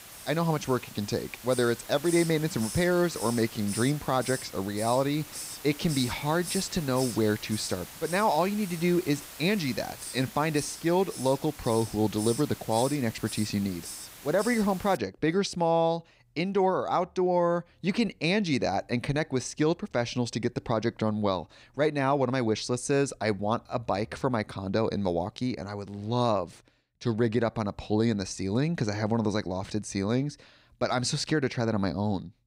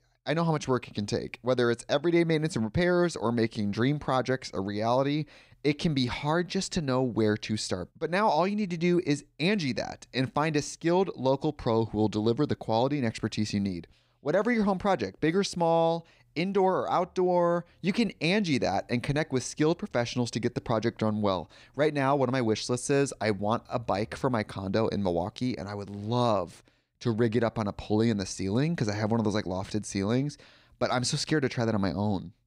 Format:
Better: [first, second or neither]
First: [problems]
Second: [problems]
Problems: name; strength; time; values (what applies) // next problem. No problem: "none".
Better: second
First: hiss; noticeable; until 15 s; 10 dB below the speech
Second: none